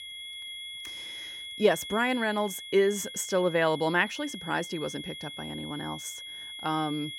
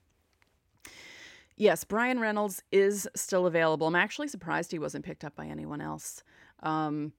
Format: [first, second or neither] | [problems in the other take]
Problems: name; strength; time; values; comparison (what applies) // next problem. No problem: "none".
second | high-pitched whine; loud; throughout; 3.5 kHz, 10 dB below the speech